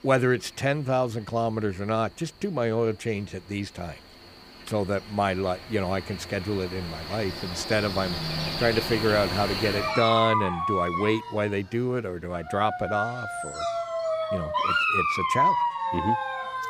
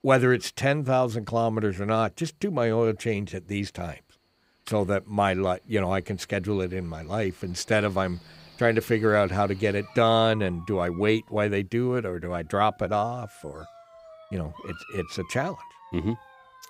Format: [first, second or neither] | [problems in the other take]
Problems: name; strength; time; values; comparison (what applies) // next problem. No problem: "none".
second | animal sounds; loud; throughout; as loud as the speech; faint in the second